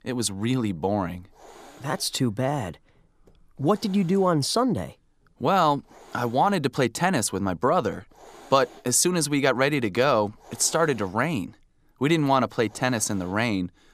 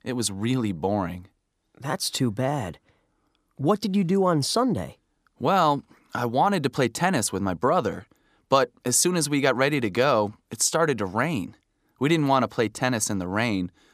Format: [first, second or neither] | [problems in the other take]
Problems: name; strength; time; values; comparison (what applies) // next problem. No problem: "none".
second | hiss; faint; throughout; 25 dB below the speech